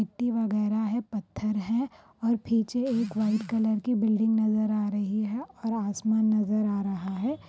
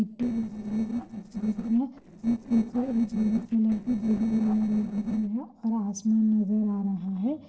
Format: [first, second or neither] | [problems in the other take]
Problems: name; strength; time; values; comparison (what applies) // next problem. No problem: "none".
first | noise reduction (neural separator model SepFormer DNS4)